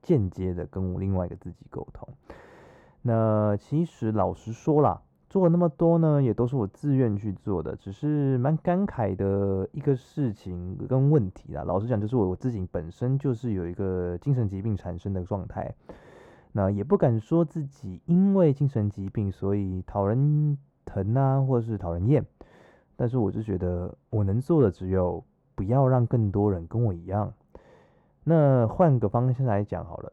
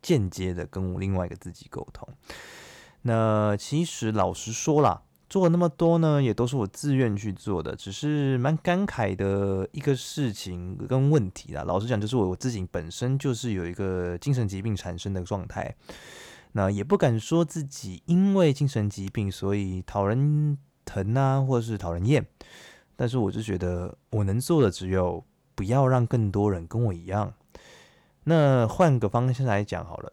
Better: second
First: muffled; very; fading above 2 kHz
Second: none

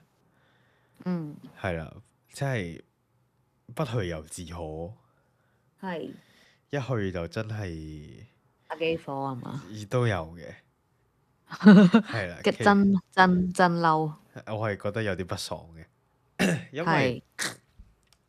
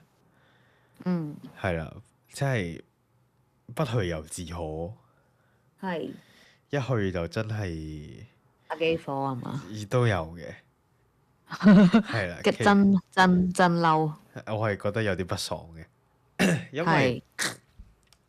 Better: first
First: none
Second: distortion; slight; 10 dB below the speech

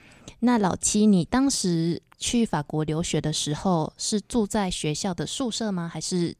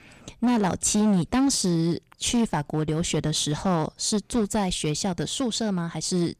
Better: first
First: none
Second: distortion; slight; 9% of the sound clipped

